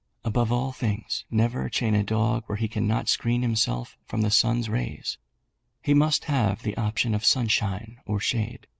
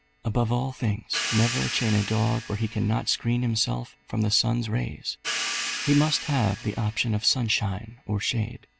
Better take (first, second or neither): first